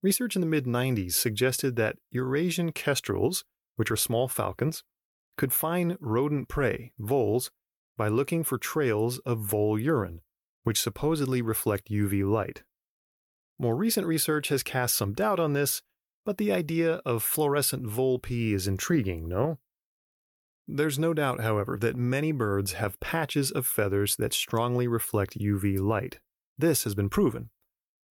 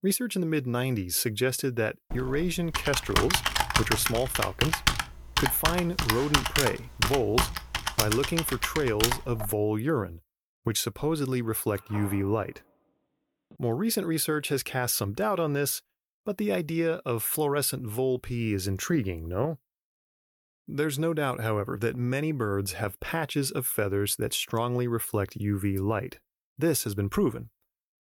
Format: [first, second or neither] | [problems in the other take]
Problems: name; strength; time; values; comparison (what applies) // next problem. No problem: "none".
first | keyboard typing; loud; from 2 to 9.5 s; peak 4 dB above the speech // phone ringing; faint; from 12 to 14 s; peak 15 dB below the speech